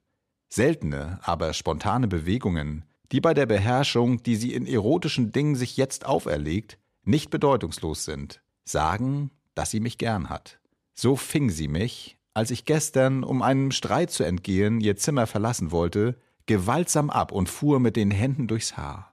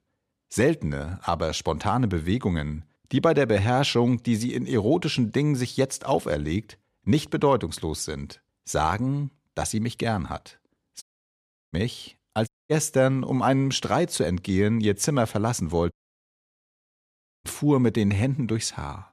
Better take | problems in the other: first | audio cutting out; at 11 s for 0.5 s, at 12 s and at 16 s for 1.5 s

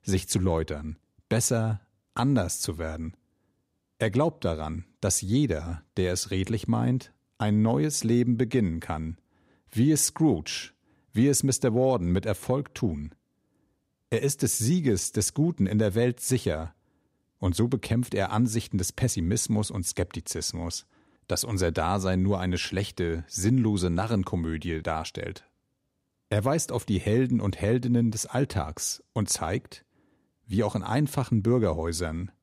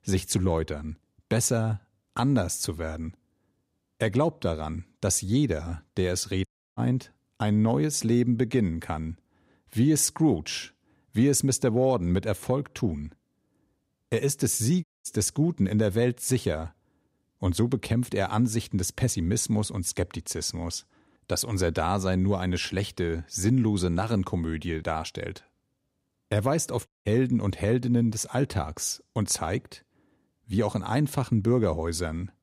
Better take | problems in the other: first | audio cutting out; at 6.5 s, at 15 s and at 27 s

